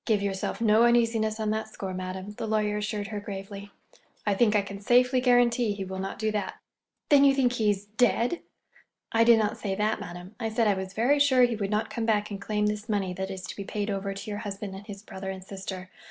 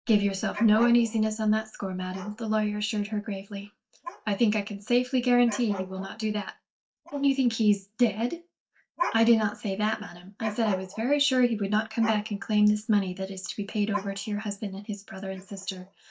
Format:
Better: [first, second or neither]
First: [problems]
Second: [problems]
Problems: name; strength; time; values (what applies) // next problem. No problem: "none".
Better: first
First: none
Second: noise reduction (neural mask model DeepFilterNet 3)